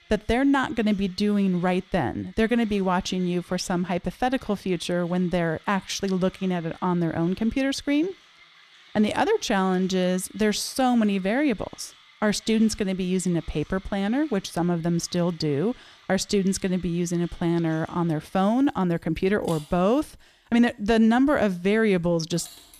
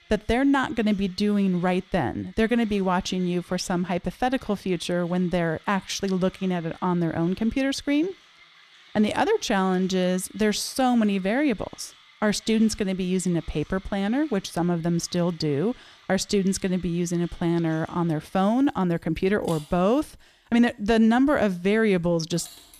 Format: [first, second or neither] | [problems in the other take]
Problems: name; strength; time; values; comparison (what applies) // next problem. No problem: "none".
neither | machinery noise; faint; throughout; 25 dB below the speech; the same in both